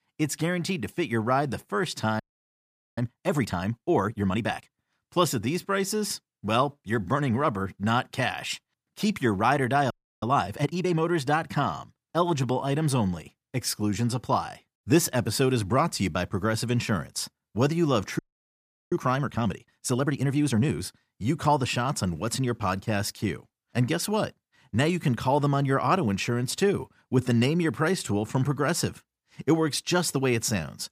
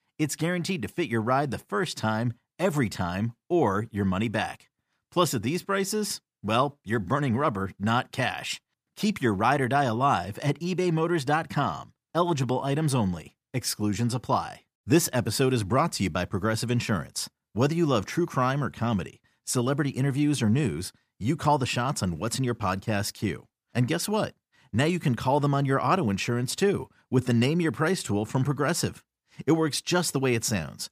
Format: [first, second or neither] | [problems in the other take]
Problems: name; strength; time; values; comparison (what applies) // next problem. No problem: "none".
second | audio freezing; at 2 s for 1 s, at 10 s and at 18 s for 0.5 s